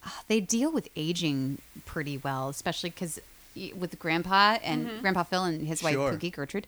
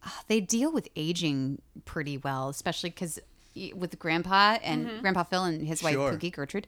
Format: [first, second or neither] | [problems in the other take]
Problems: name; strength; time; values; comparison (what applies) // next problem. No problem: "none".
second | hiss; faint; throughout; 25 dB below the speech